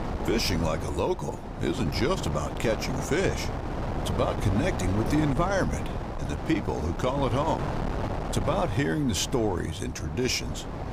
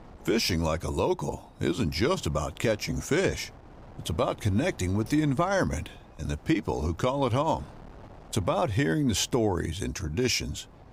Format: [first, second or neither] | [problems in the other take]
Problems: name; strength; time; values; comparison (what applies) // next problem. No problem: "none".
second | wind noise on the microphone; heavy; 6 dB below the speech; occasional gusts in the second